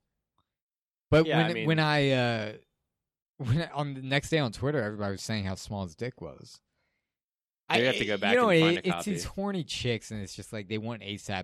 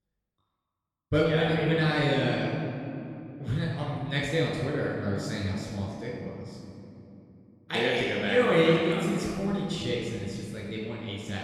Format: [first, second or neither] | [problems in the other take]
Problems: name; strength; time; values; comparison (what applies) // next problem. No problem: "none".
first | off-mic speech; far // room echo; noticeable; dies away in 2.7 s